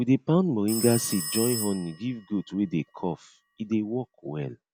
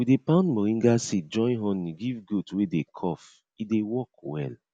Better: second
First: background sound (Telephone); 10 dB below the speech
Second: none

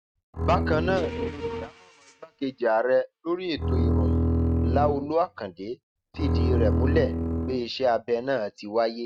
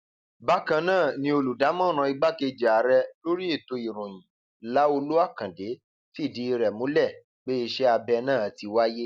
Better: second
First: noise reduction (neural mask model RNNoise)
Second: none

